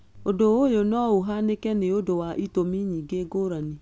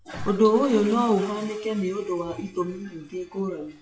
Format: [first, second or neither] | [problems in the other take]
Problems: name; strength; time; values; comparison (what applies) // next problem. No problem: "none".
first | noise reduction (classical method WPE with log-MMSE)